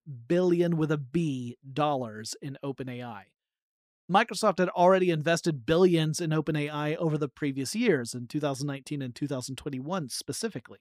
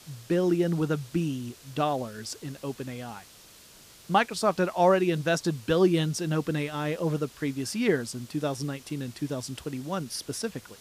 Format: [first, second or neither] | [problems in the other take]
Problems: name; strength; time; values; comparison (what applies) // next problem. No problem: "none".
first | hiss; faint; throughout; 20 dB below the speech